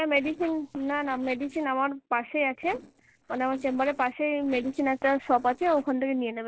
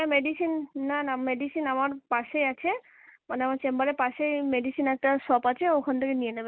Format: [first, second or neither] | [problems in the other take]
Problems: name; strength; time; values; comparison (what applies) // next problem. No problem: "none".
second | noise reduction (neural separator model SepFormer DNS4)